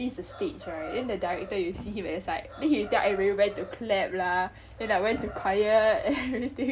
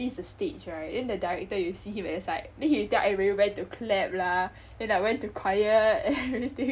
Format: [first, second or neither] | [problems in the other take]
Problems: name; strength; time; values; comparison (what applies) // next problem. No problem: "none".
second | background sound (Chicken, rooster + Thump, thud); 17 dB below the speech